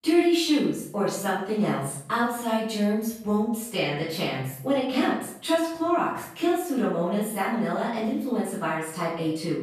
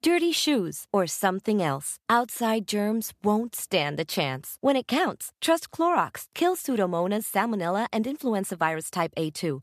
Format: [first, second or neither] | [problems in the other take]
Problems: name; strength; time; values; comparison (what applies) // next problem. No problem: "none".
second | off-mic speech; far // room echo; noticeable; dies away in 0.6 s